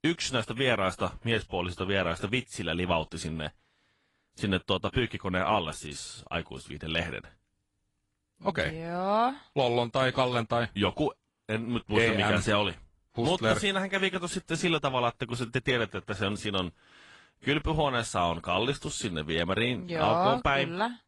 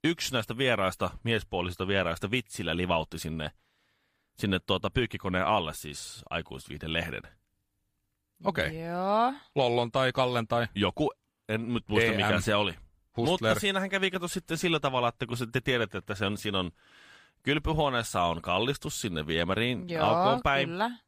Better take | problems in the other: second | garbled, watery; slightly; nothing above 10 kHz

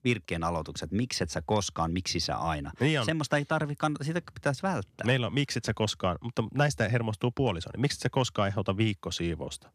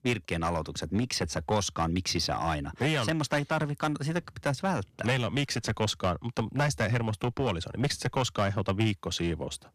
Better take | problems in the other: first | distortion; slight; 6% of the sound clipped

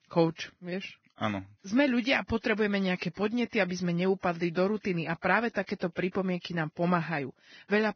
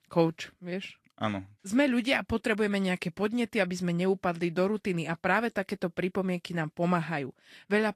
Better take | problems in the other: second | garbled, watery; badly; nothing above 6 kHz; slightly in the second

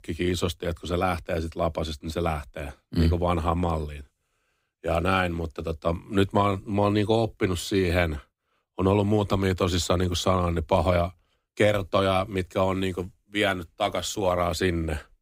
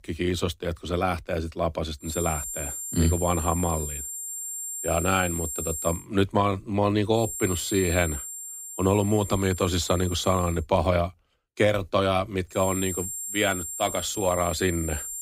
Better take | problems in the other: first | high-pitched whine; loud; from 2 to 6 s, from 7 to 11 s and from 13 s on; 7.5 kHz, 6 dB below the speech

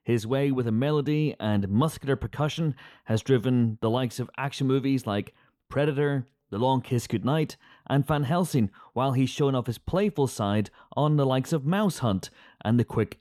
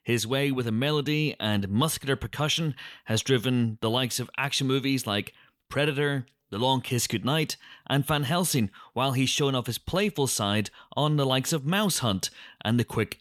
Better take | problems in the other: second | muffled; slightly; fading above 1.5 kHz

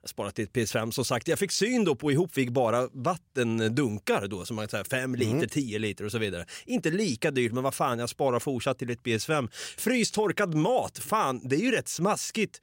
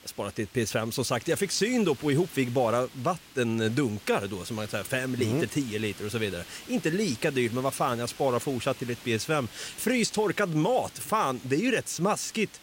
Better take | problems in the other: first | hiss; noticeable; throughout; 20 dB below the speech

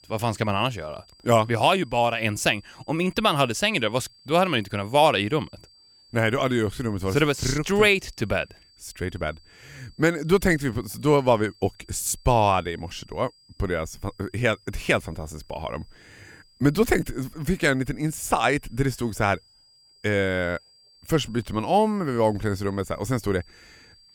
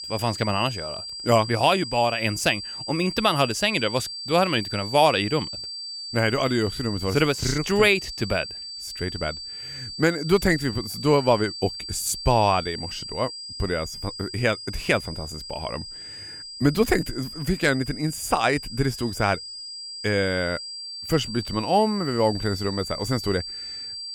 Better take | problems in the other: first | high-pitched whine; loud; throughout; 4.5 kHz, 9 dB below the speech; faint in the first

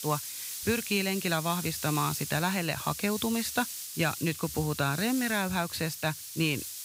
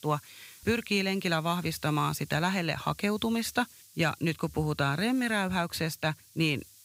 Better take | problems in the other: second | hiss; loud; throughout; 6 dB below the speech; faint in the second

